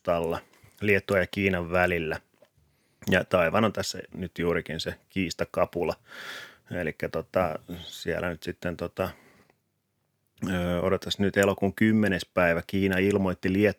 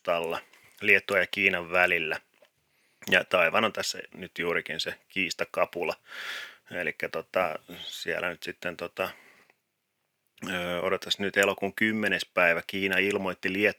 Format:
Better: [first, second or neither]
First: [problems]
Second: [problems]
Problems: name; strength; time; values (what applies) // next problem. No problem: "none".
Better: first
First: none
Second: thin; somewhat; fading below 550 Hz